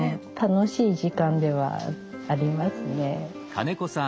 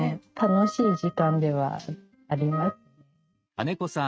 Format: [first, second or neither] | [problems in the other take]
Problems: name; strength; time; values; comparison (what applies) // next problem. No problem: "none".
first | noise reduction (neural mask model RNNoise)